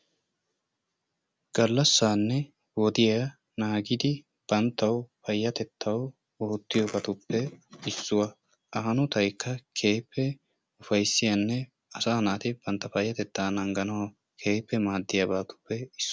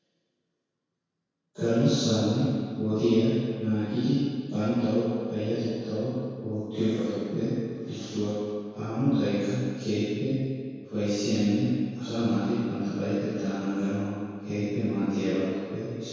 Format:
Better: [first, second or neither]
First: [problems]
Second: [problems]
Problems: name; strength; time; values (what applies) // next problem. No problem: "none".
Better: first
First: none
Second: room echo; dies away in 2 s